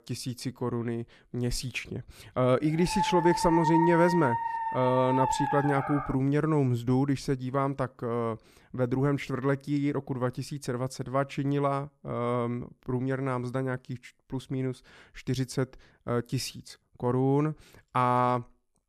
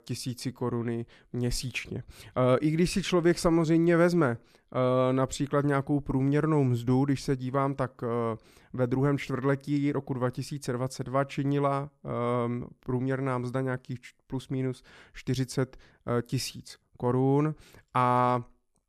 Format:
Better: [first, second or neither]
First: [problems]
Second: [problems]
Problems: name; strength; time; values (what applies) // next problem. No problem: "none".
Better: second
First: dog barking; loud; from 3 to 6 s; peak 1 dB above the speech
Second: none